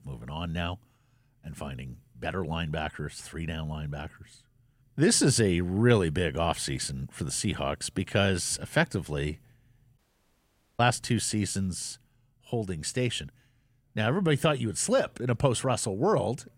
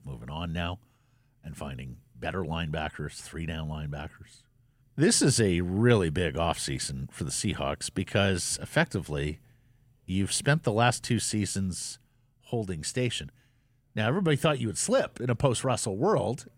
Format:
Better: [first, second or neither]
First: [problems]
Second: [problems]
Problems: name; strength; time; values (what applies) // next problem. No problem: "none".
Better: second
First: audio cutting out; at 10 s for 1 s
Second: none